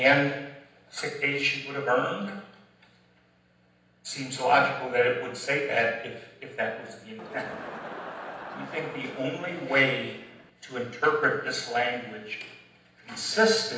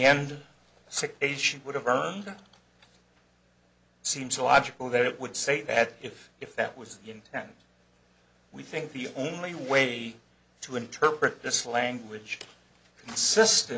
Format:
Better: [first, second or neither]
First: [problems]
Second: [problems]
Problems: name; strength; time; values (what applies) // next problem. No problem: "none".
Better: second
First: background sound (Crowd); 12 dB below the speech // room echo; dies away in 0.9 s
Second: none